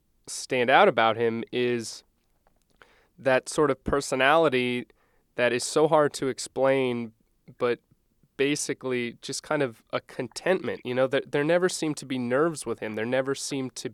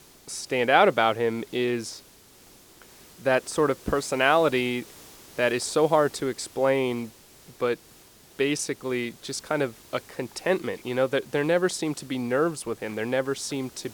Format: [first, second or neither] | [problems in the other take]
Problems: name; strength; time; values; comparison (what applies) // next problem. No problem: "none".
first | hiss; faint; throughout; 25 dB below the speech